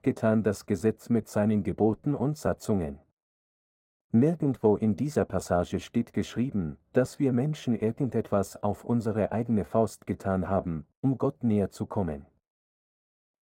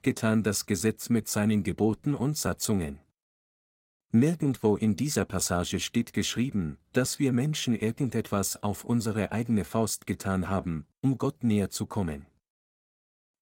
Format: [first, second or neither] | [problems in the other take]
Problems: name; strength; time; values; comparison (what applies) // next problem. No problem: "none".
second | muffled; very; fading above 2 kHz